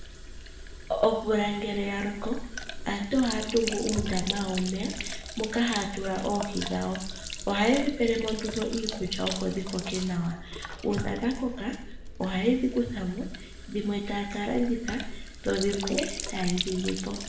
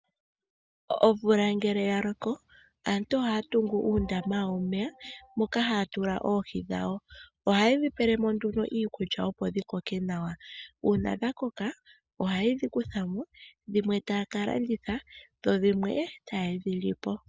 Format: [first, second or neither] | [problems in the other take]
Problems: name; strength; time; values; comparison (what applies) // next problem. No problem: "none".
second | background sound (Sink (filling or washing)); 7 dB below the speech // room echo; dies away in 0.8 s